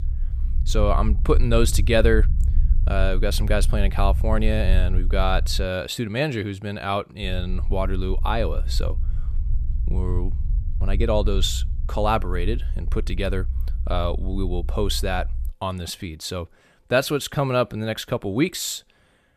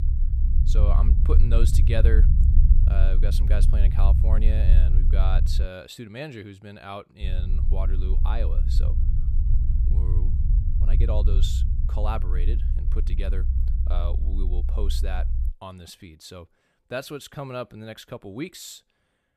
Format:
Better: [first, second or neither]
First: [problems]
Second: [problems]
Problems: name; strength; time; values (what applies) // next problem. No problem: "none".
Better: first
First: low rumble; faint; until 5.5 s and from 7 to 15 s; 20 dB below the speech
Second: low rumble; loud; until 5.5 s and from 7 to 15 s; 6 dB below the speech